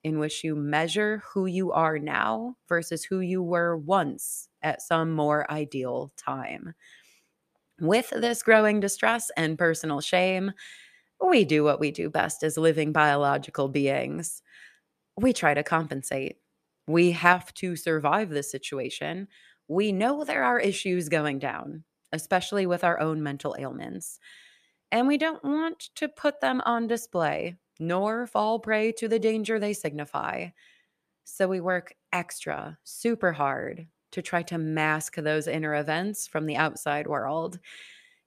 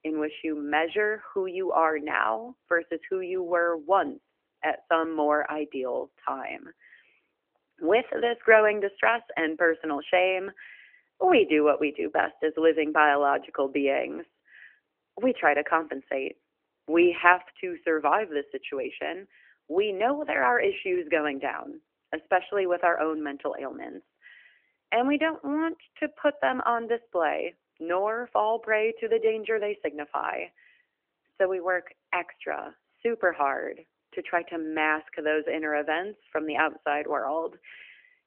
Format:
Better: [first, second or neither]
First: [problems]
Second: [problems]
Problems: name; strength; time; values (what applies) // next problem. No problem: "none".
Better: first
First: none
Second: phone-call audio; nothing above 3 kHz